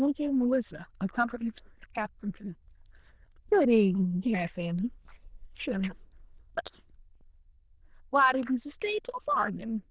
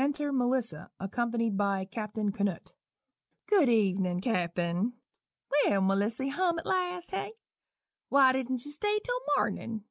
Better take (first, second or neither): second